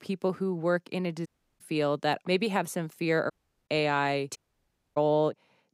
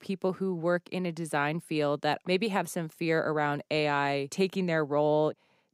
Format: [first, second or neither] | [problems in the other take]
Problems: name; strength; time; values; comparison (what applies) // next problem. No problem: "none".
second | audio cutting out; at 1.5 s, at 3.5 s and at 4.5 s for 0.5 s